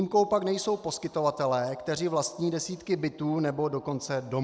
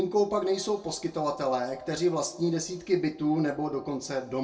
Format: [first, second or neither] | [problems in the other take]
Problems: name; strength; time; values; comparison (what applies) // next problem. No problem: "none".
first | room echo; dies away in 0.2 s